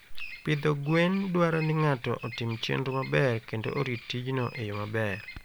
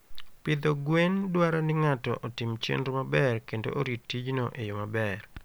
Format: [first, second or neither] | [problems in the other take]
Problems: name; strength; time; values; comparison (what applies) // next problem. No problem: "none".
second | background sound (Bird vocalization, bird call, bird song); 18 dB below the speech